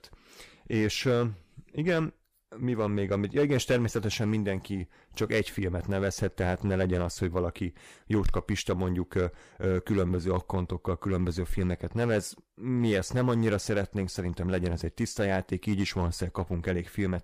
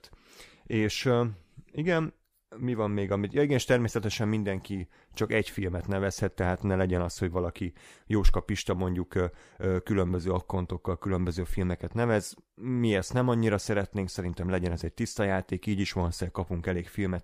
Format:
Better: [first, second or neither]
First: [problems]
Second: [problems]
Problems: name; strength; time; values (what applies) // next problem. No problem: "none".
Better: second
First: distortion; slight; 3% of the sound clipped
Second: none